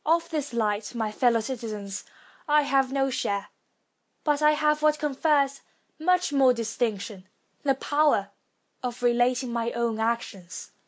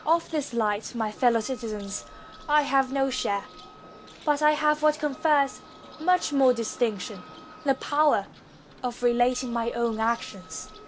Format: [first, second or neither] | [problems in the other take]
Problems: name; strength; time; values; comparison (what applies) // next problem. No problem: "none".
first | background sound (Wind instrument, woodwind instrument + Bird); 20 dB below the speech